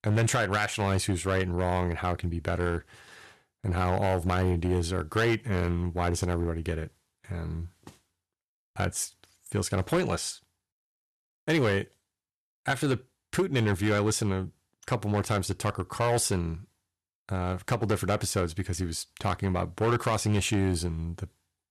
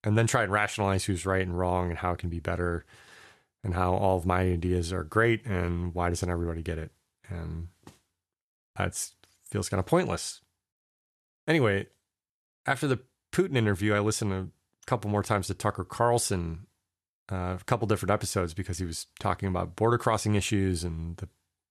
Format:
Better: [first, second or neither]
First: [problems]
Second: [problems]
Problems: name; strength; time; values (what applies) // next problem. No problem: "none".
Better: second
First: distortion; slight; 5% of the sound clipped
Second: none